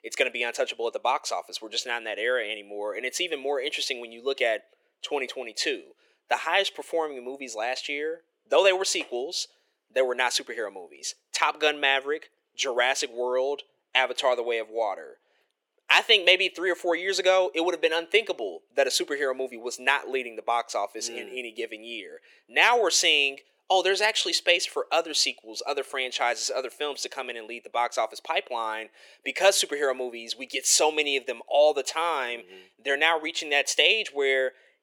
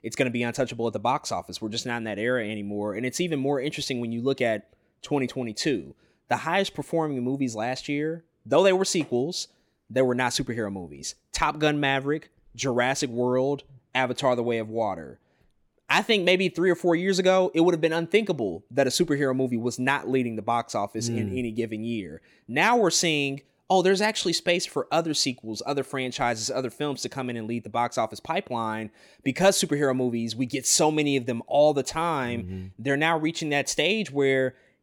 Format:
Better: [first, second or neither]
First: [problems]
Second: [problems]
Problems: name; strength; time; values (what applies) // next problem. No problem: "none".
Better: second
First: thin; very; fading below 450 Hz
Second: none